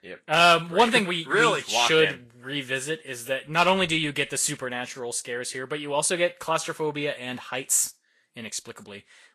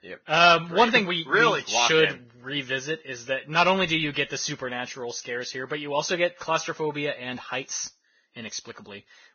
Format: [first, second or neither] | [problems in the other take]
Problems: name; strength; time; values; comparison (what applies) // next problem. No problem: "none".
first | garbled, watery; badly; nothing above 6.5 kHz; slightly in the first